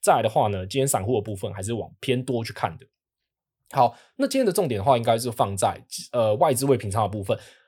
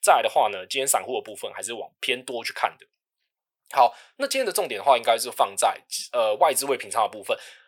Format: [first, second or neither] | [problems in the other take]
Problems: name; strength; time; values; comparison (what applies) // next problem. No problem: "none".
first | thin; very; fading below 650 Hz